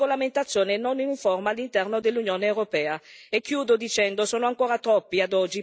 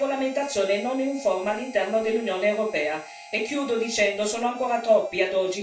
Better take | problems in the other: first | background sound (Harmonica); 19 dB below the speech // room echo; dies away in 0.3 s

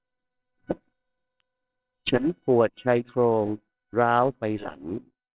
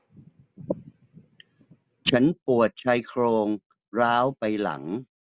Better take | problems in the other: second | noise reduction (neural separator model SepFormer WHAMR!)

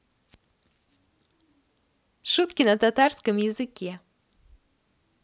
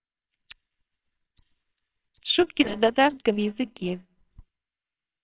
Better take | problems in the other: first | noise reduction (neural separator model SepFormer WHAMR!)

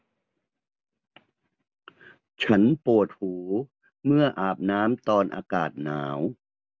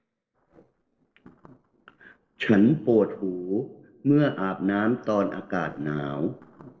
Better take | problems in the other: first | noise reduction (neural separator model SepFormer DNS4)

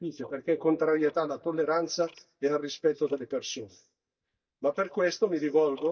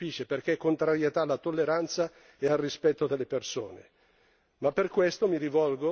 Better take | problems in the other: second | noise reduction (neural mask model DeepFilterNet 3)

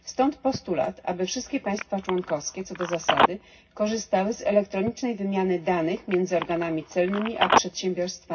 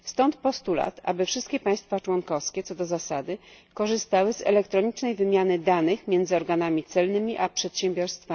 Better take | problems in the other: second | background sound (Telephone); 4 dB below the speech // room echo; dies away in 0.4 s

